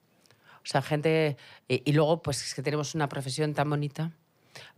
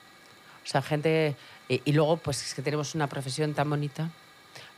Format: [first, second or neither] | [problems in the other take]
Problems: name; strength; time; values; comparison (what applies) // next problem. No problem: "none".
first | hiss; faint; throughout; 25 dB below the speech